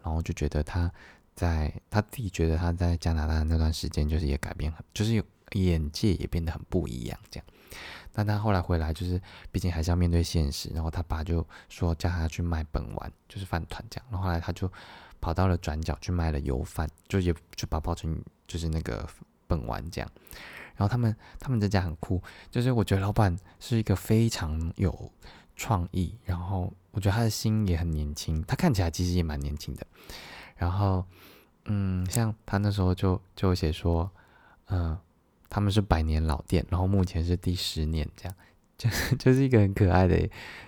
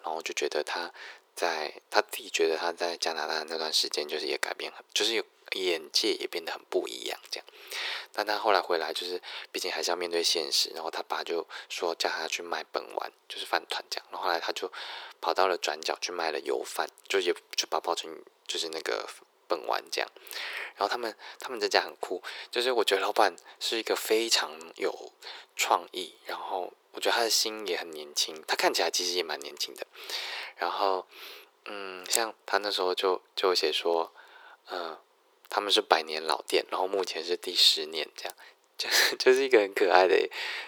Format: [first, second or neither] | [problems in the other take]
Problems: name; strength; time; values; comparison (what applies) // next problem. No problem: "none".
first | thin; very; fading below 400 Hz